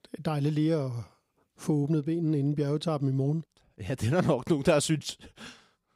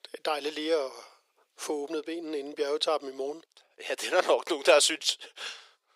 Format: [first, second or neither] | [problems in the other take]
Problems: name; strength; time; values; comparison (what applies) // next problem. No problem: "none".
first | thin; very; fading below 400 Hz